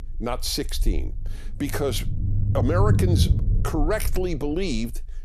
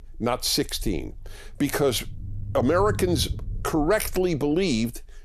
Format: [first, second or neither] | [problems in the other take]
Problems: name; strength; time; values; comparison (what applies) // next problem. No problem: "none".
second | low rumble; loud; throughout; 9 dB below the speech; faint in the second